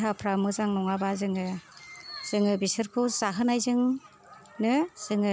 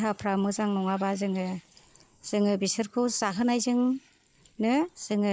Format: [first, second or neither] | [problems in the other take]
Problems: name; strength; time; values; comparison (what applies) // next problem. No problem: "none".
first | noise reduction (neural mask model Resemble Enhance denoiser)